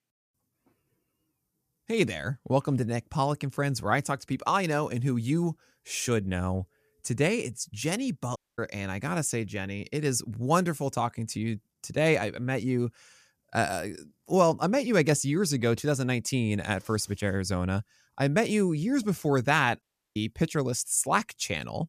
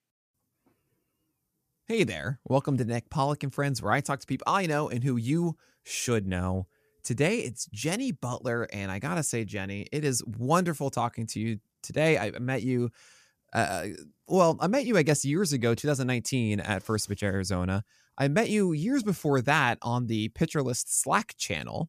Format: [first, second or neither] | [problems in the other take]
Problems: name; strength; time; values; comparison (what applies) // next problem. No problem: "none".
second | audio cutting out; at 8.5 s and at 20 s